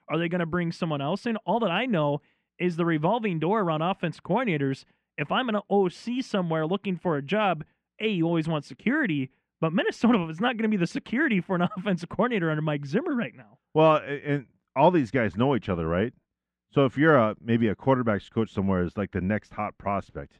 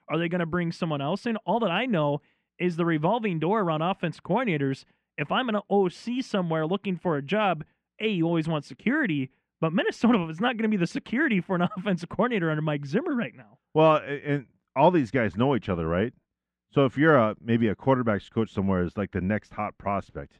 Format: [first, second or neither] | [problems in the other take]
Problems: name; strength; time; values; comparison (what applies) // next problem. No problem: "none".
neither | muffled; very; fading above 2.5 kHz; the same in both